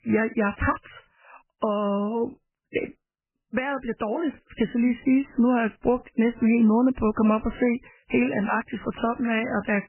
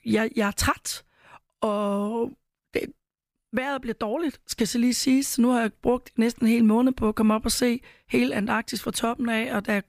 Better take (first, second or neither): second